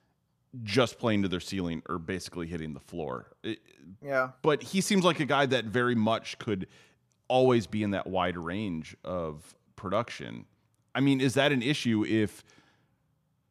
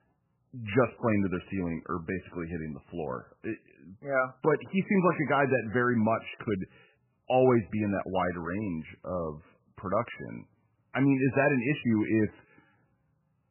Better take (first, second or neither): first